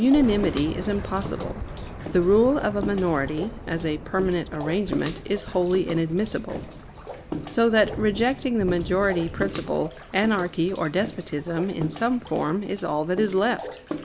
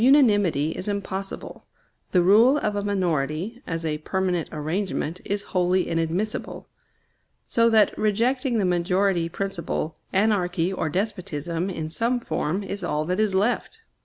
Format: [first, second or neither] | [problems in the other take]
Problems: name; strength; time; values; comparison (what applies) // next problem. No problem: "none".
second | background sound (Bathtub (filling or washing) / Water / Splash, splatter + Thunder / Rain); 10 dB below the speech